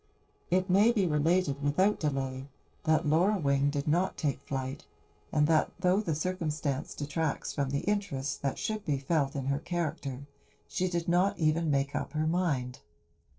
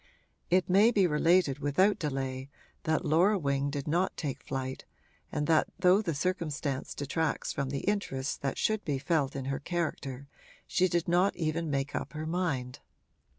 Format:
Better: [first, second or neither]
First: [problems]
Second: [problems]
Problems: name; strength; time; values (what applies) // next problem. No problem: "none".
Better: second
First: noise reduction (neural separator model SepFormer DNS4)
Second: none